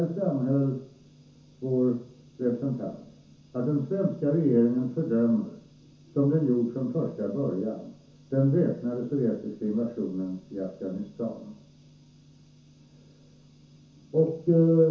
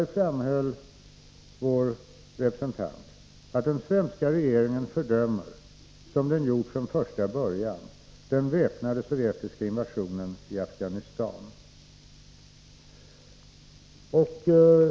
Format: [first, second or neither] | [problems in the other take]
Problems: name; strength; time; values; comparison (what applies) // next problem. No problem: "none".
second | room echo; dies away in 0.9 s